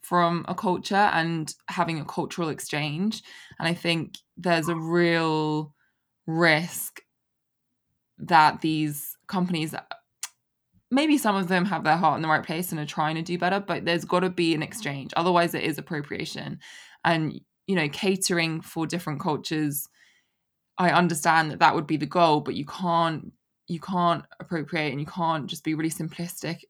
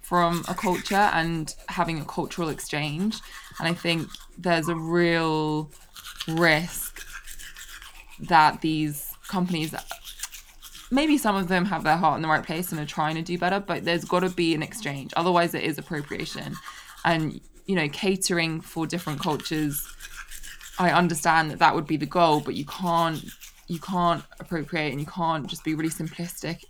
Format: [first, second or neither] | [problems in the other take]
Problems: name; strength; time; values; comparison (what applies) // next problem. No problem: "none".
first | household noises; noticeable; throughout; 20 dB below the speech